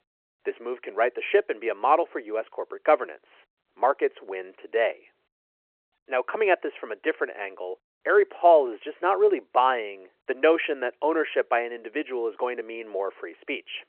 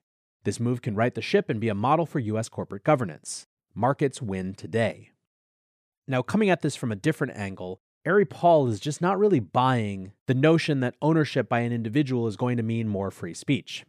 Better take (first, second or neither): second